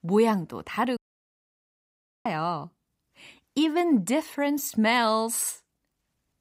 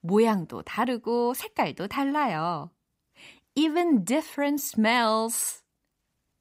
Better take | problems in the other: second | audio cutting out; at 1 s for 1.5 s

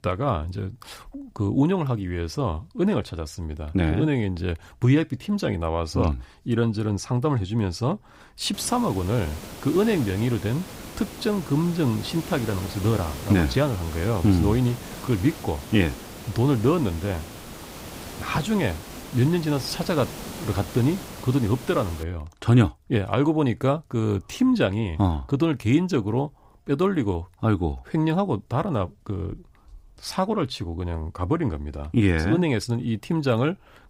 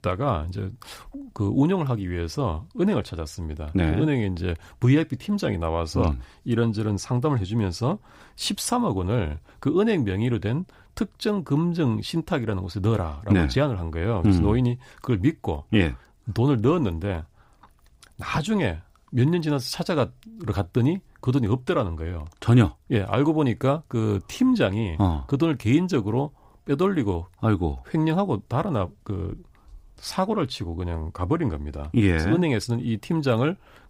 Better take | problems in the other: second | hiss; noticeable; from 8.5 to 22 s; 15 dB below the speech

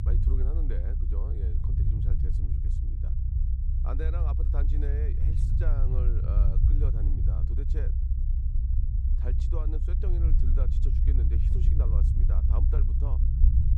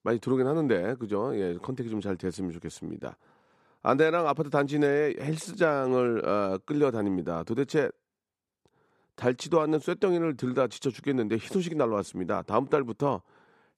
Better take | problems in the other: second | low rumble; loud; throughout; as loud as the speech

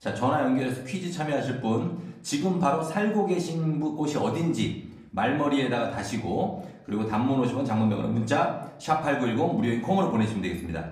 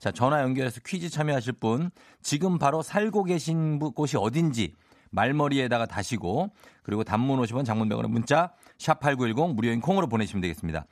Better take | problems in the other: second | room echo; slight; dies away in 0.6 s // off-mic speech; far

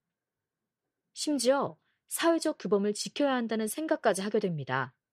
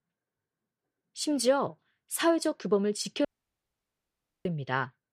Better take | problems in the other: first | audio cutting out; at 3.5 s for 1 s

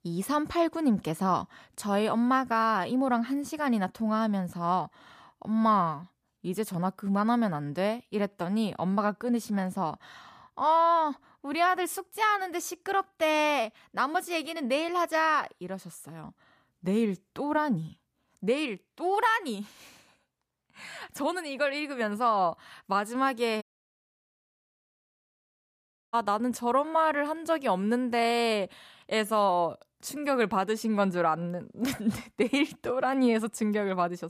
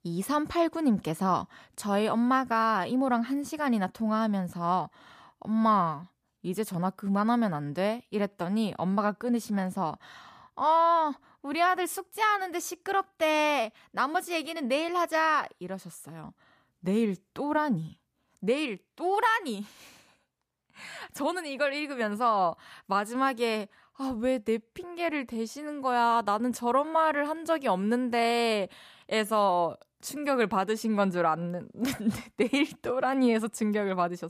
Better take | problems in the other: second | audio cutting out; at 24 s for 2.5 s

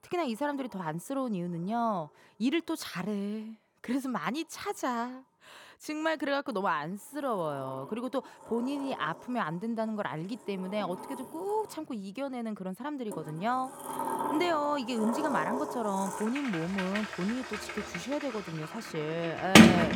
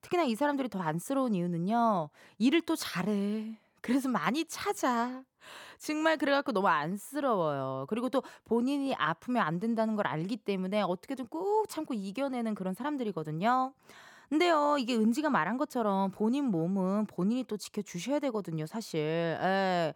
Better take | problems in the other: second | household noises; very loud; throughout; 4 dB above the speech

